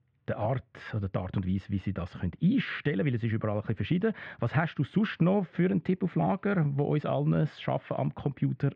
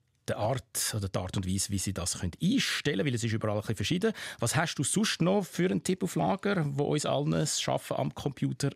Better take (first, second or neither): second